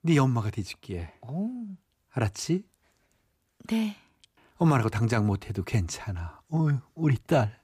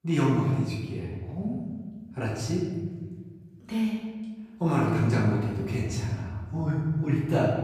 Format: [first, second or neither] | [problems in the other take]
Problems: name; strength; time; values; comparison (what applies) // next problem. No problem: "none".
first | off-mic speech; far // room echo; noticeable; dies away in 1.5 s